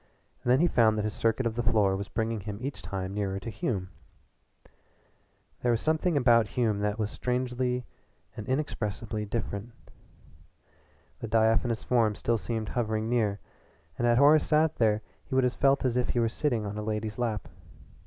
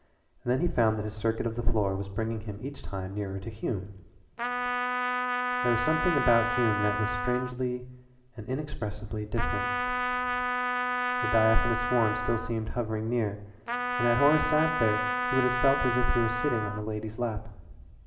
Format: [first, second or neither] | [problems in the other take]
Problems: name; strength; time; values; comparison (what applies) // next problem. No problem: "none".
first | background sound (Trumpet); 2 dB below the speech // room echo; dies away in 1 s